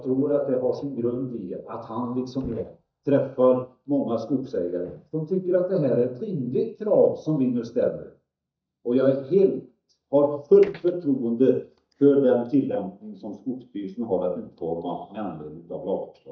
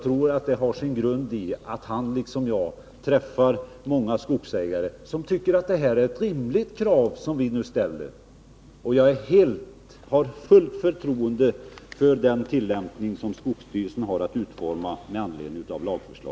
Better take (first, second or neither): second